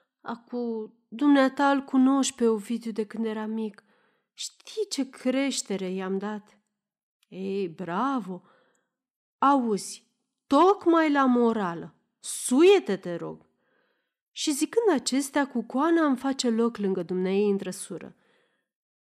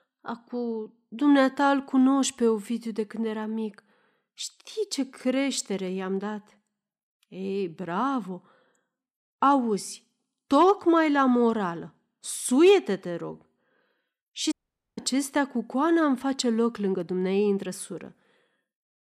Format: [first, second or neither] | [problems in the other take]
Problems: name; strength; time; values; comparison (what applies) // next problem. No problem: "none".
first | audio cutting out; at 15 s